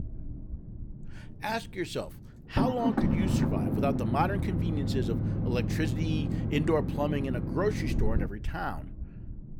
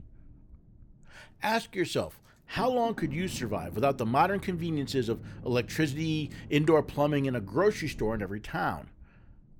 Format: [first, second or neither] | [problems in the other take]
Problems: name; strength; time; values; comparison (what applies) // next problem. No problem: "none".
second | low rumble; loud; throughout; 4 dB below the speech; faint in the second